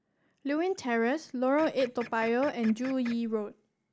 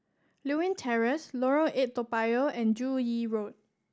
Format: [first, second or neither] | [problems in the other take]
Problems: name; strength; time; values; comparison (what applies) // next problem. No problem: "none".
second | background sound (Printer); 17 dB below the speech